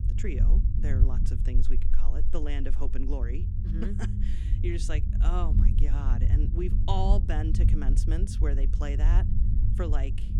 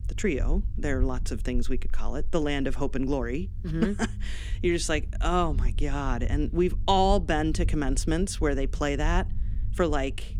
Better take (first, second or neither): second